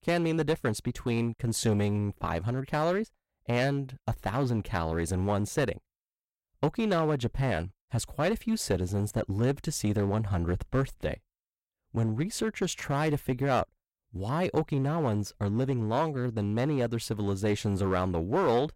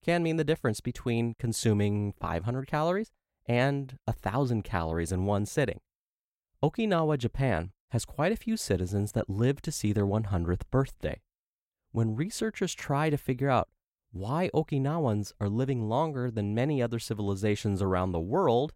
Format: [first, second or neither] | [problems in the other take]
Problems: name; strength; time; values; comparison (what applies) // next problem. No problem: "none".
second | distortion; slight; 6% of the sound clipped